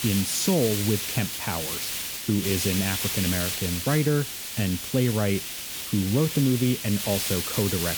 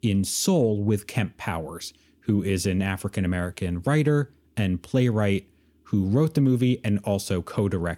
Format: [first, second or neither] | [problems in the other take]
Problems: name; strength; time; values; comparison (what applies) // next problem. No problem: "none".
second | hiss; loud; throughout; 2 dB below the speech